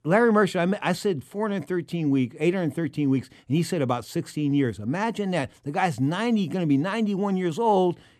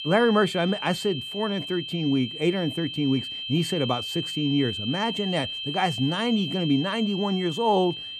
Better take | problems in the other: first | high-pitched whine; loud; throughout; 3 kHz, 6 dB below the speech

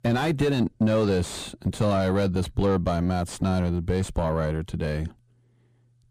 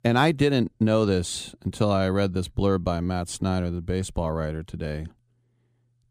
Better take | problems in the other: second | distortion; heavy; 7 dB below the speech

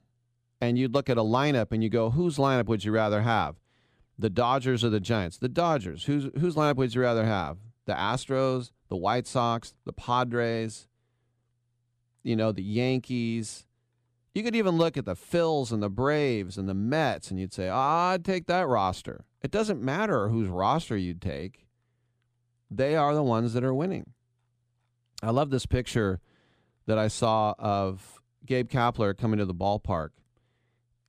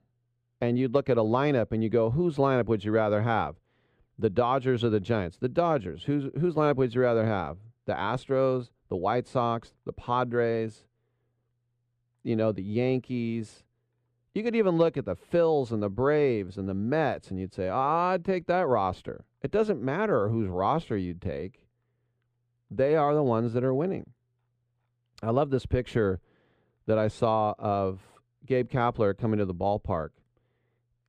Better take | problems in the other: first | muffled; slightly; fading above 4 kHz

